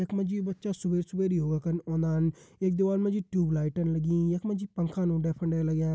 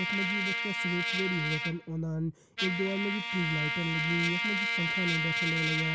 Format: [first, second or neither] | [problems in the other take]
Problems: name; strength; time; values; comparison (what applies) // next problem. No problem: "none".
first | background sound (Trumpet); 1 dB above the speech